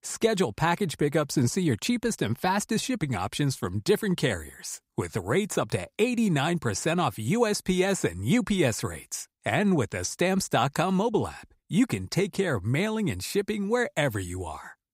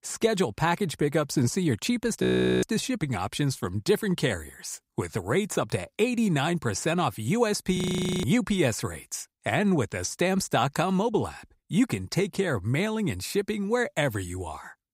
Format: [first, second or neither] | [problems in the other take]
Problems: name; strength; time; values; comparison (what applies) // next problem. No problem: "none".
first | audio freezing; at 2 s and at 8 s